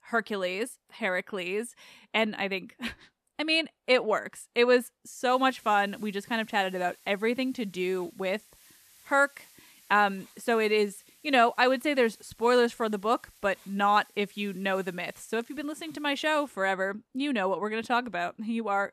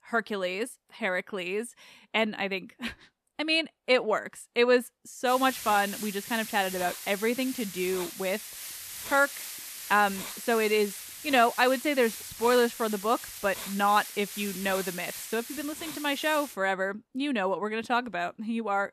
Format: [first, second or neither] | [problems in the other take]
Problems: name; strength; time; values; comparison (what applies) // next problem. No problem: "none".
first | hiss; loud; from 5.5 to 17 s; 10 dB below the speech; faint in the first